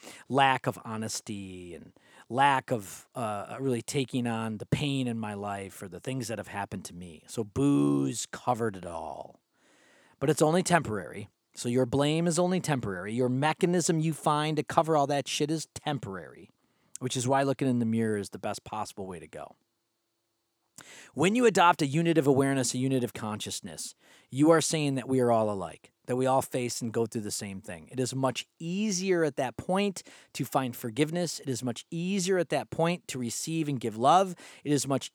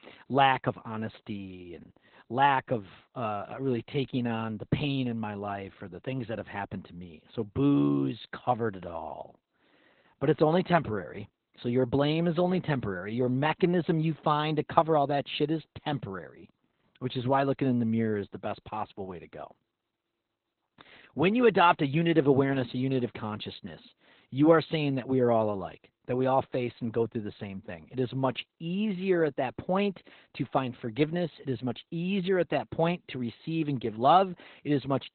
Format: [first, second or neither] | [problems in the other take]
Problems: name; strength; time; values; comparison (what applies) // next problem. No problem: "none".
first | garbled, watery; badly; nothing above 4 kHz